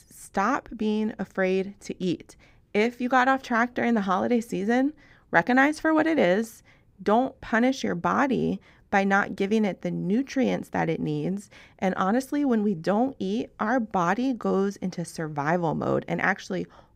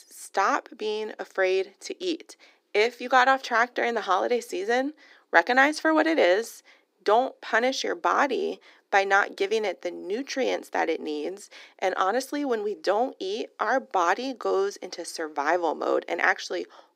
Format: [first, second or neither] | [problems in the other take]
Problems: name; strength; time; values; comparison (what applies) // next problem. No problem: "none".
first | thin; somewhat; fading below 300 Hz